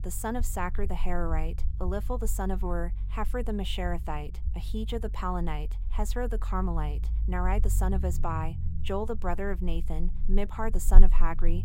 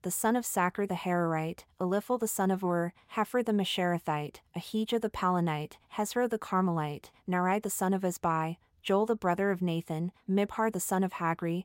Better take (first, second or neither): second